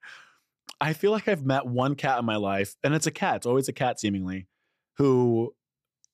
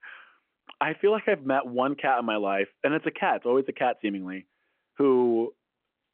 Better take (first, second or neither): first